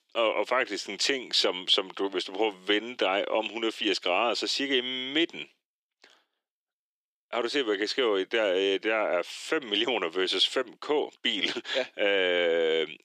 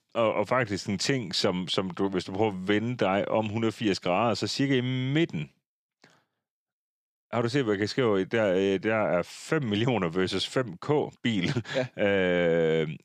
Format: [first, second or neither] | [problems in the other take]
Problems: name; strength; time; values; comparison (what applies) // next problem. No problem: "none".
second | thin; somewhat; fading below 350 Hz